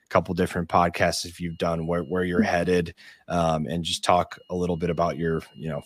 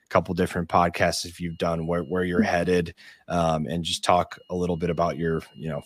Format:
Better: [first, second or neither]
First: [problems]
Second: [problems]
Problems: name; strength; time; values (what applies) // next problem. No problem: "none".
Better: neither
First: high-pitched whine; faint; from 1.5 to 3 s and from 4.5 s on; 3 kHz, 35 dB below the speech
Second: high-pitched whine; faint; from 1.5 to 3 s and from 4.5 s on; 3 kHz, 35 dB below the speech